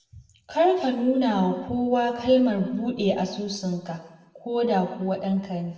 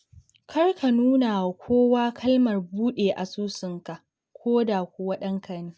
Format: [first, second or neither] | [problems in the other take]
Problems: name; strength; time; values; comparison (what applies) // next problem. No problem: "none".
second | room echo; dies away in 1.1 s